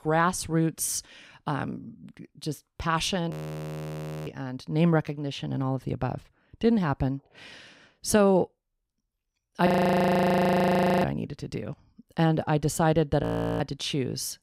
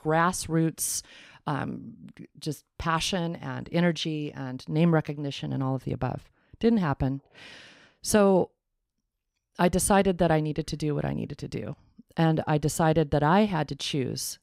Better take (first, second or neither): second